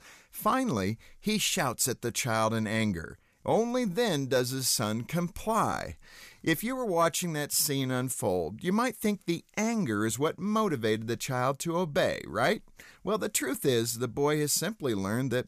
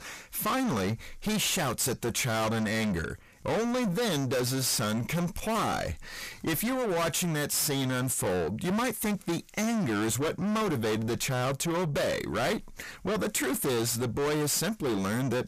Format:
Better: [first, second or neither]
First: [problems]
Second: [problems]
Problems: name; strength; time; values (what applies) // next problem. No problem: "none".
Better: first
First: none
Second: distortion; heavy; 5 dB below the speech